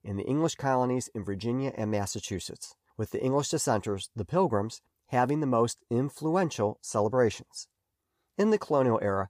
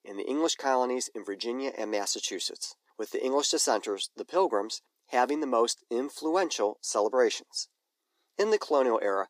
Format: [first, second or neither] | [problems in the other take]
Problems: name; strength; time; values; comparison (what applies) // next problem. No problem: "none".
first | thin; somewhat; fading below 300 Hz